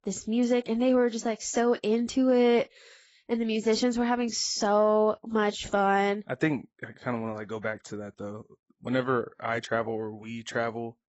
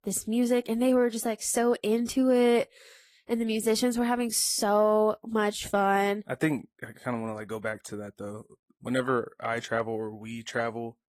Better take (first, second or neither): second